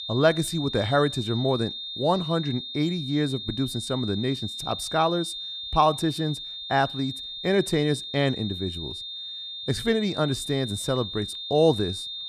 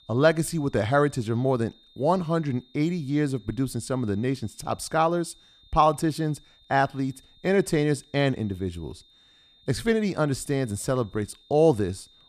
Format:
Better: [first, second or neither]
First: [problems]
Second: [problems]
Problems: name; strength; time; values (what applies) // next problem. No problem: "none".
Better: second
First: high-pitched whine; loud; throughout; 3.5 kHz, 7 dB below the speech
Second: high-pitched whine; faint; throughout; 3.5 kHz, 30 dB below the speech